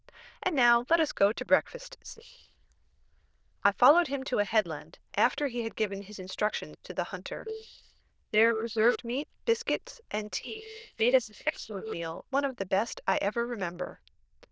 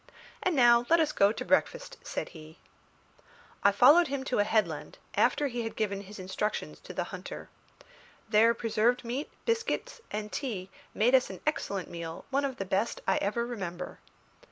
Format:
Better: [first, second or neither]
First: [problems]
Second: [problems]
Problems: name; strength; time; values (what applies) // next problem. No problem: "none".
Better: second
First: noise reduction (neural diffusion model UNIVERSE++)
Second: none